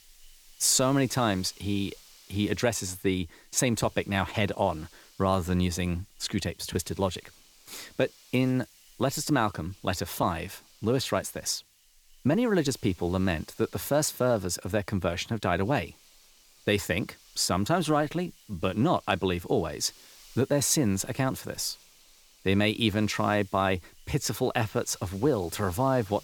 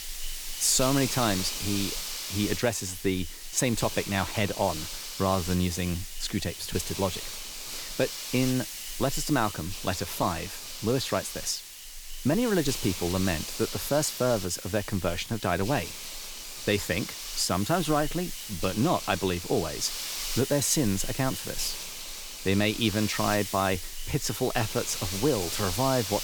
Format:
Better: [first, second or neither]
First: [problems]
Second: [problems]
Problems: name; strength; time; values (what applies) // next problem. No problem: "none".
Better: first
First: hiss; faint; throughout; 25 dB below the speech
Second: hiss; loud; throughout; 6 dB below the speech